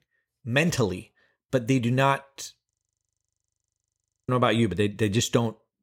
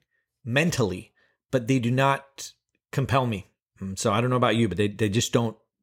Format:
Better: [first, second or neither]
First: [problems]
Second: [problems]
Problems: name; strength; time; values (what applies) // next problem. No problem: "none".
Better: second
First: audio freezing; at 2.5 s for 1.5 s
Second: none